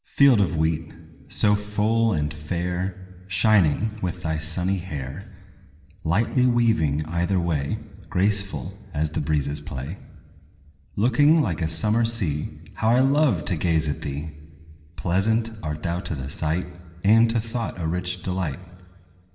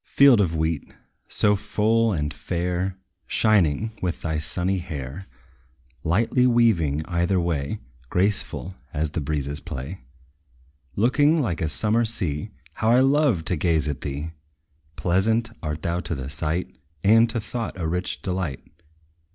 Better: second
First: room echo; dies away in 1.6 s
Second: none

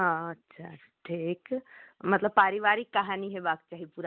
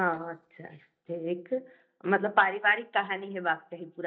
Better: first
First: none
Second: noise reduction (neural mask model DeepFilterNet 3)

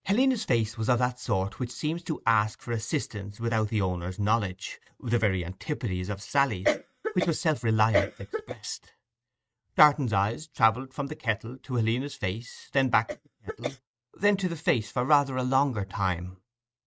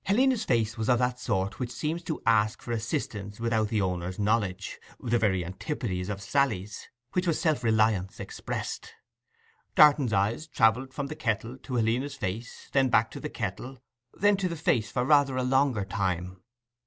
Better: second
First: noise reduction (neural mask model RNNoise)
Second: none

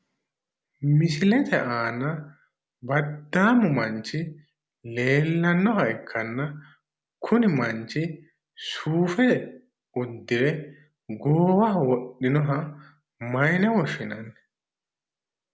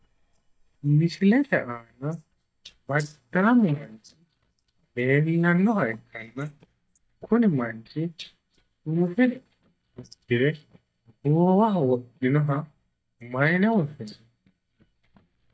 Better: first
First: none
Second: noise reduction (neural mask model DeepFilterNet 3)

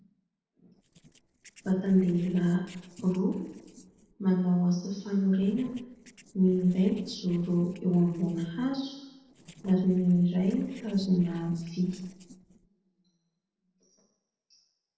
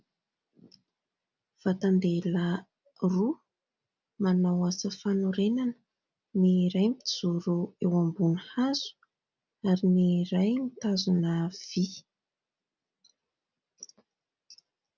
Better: second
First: noise reduction (neural separator model SepFormer DNS4)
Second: none

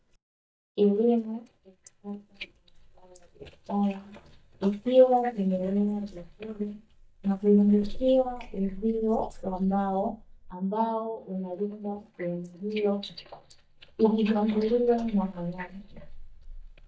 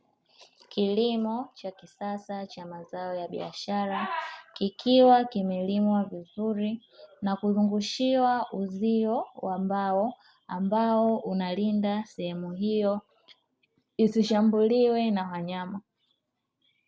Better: second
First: noise reduction (neural mask model DeepFilterNet 3)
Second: none

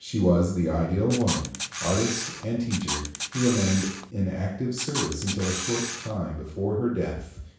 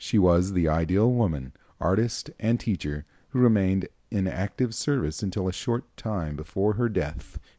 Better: second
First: background sound (Camera); 6 dB below the speech // room echo; dies away in 0.7 s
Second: none

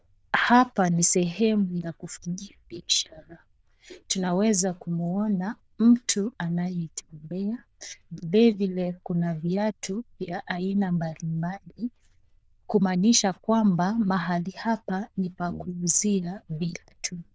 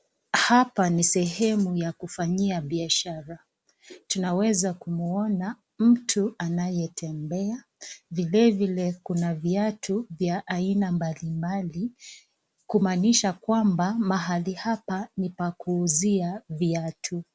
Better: second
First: noise reduction (neural diffusion model UNIVERSE++)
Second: none

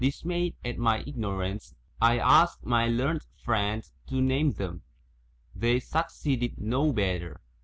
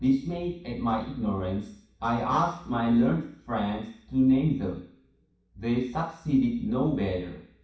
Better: first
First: none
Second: room echo; dies away in 0.6 s

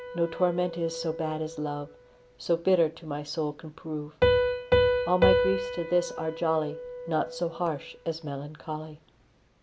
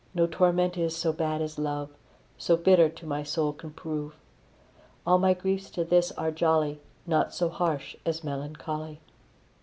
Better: second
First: background sound (Piano); 1 dB below the speech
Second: none

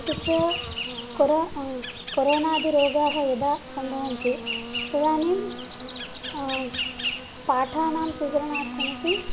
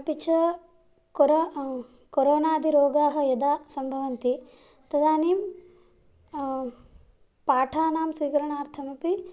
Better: second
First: background sound (Insect); 7 dB below the speech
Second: none

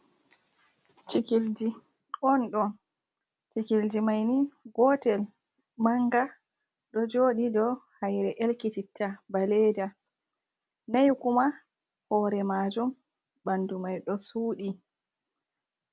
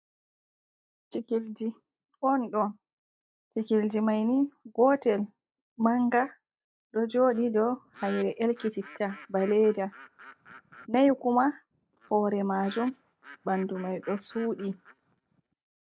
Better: first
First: none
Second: noise reduction (neural mask model DeepFilterNet 3)

